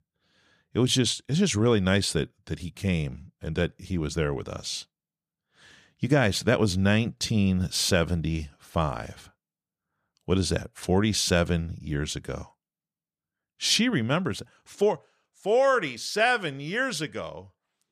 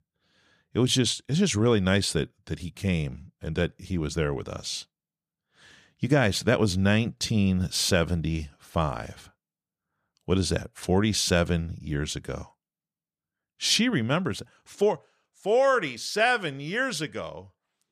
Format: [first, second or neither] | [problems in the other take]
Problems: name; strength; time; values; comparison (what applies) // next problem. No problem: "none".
neither | none